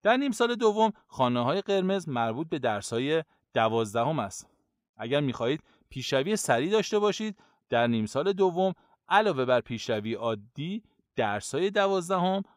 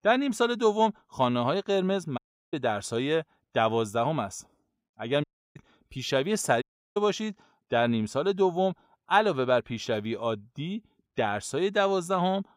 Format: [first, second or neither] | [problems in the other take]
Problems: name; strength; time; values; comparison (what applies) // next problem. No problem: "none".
first | audio cutting out; at 2 s, at 5 s and at 6.5 s